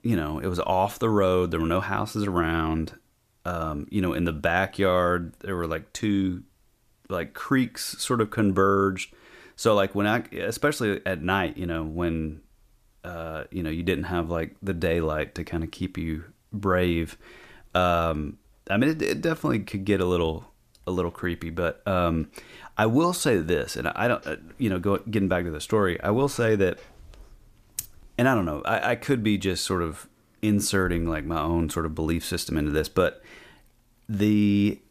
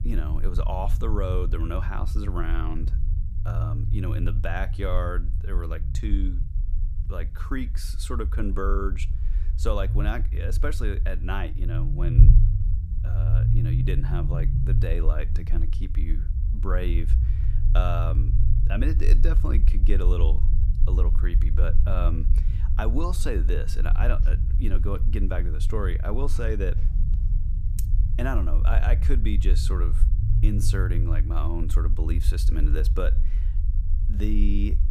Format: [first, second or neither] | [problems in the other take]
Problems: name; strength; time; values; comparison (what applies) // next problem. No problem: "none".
first | low rumble; loud; throughout; 8 dB below the speech